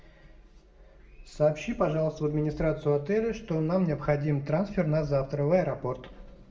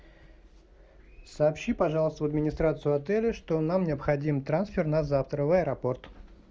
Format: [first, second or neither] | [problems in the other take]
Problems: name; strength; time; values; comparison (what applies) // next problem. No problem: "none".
second | room echo; dies away in 0.8 s